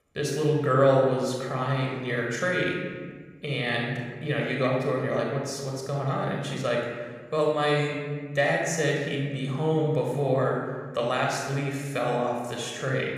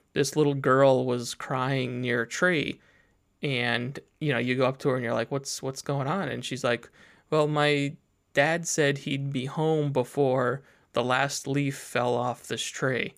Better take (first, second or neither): second